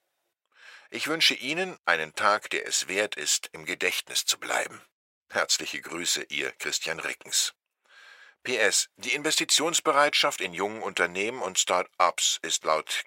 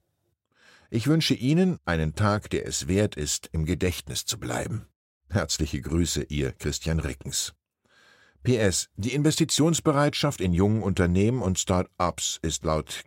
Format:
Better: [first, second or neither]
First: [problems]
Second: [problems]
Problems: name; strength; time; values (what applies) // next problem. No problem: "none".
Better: second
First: thin; very; fading below 700 Hz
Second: none